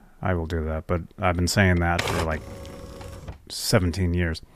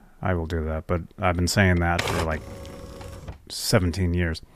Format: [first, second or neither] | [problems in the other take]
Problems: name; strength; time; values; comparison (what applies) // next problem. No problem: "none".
neither | keyboard typing; noticeable; from 2 to 3.5 s; peak 3 dB below the speech; the same in both